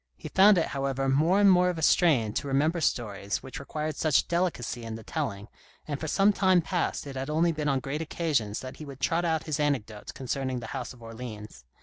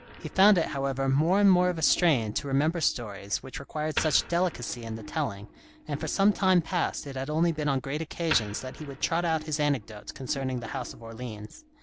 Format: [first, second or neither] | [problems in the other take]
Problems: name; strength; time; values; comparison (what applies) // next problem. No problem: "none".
first | background sound (Wood); 16 dB below the speech